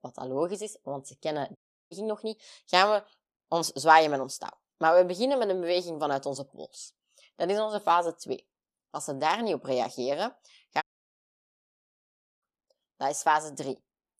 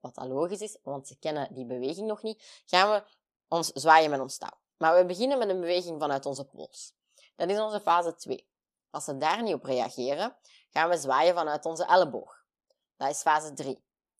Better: second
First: audio cutting out; at 1.5 s and at 11 s for 1.5 s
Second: none

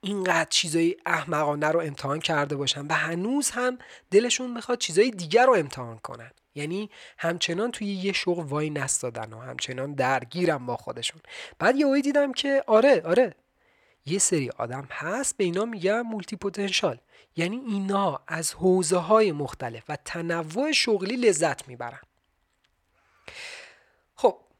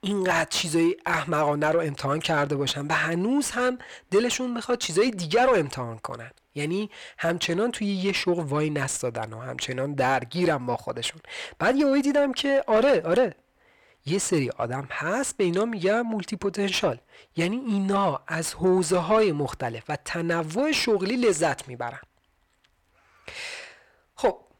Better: first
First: none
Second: distortion; slight; 10 dB below the speech

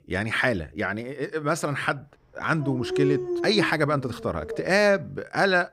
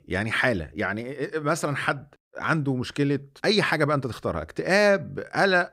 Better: second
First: dog barking; noticeable; from 2.5 to 4.5 s; peak 1 dB below the speech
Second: none

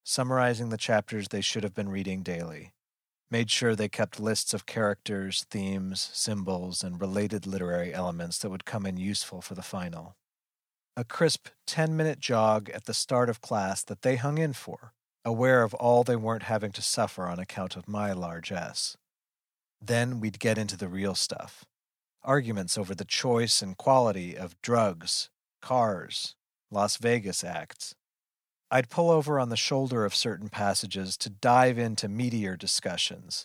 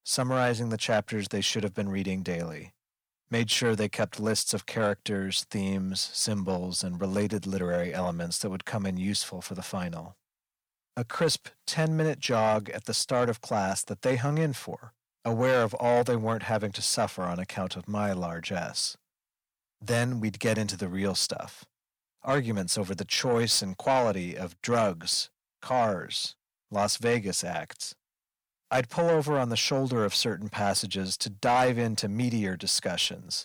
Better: first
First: none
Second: distortion; slight; 10 dB below the speech

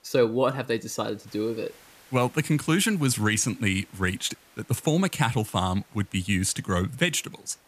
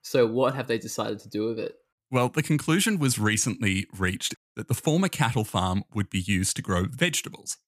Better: second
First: hiss; faint; throughout; 30 dB below the speech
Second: none

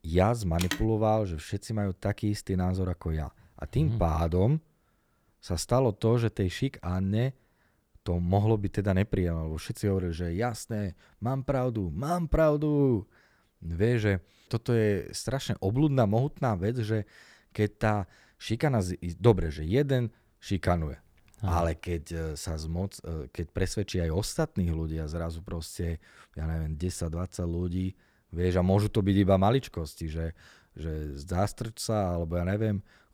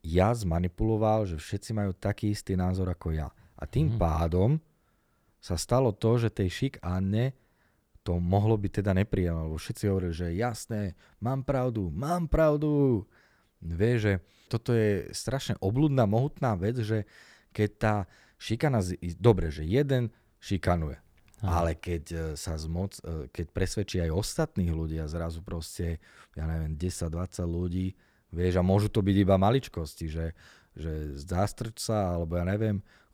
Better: second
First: phone ringing; noticeable; at 0.5 s; peak 5 dB below the speech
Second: none

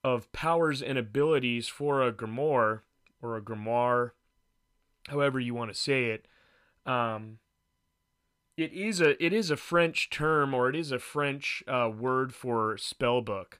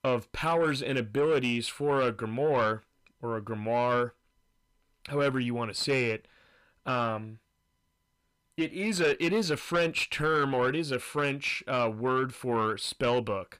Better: first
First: none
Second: distortion; slight; 10 dB below the speech

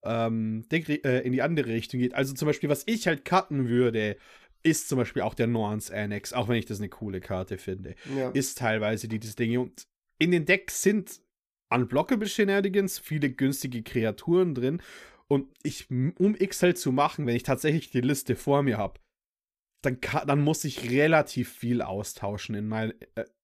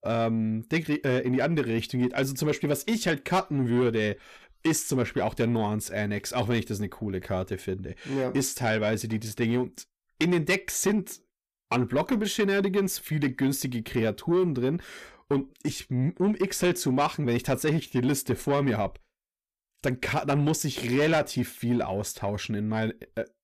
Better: first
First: none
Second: distortion; slight; 10 dB below the speech

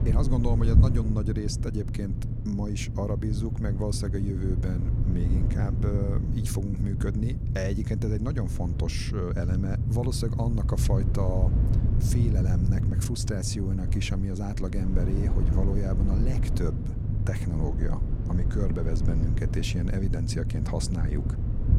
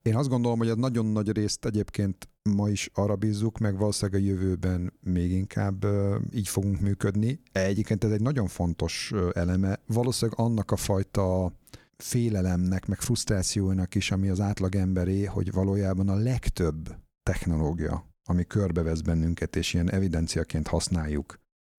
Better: second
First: low rumble; loud; throughout; 4 dB below the speech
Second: none

